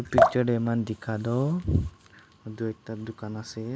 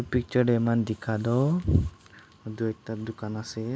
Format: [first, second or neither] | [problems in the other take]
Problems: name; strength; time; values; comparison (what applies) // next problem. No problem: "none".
second | background sound (Drip); 1 dB above the speech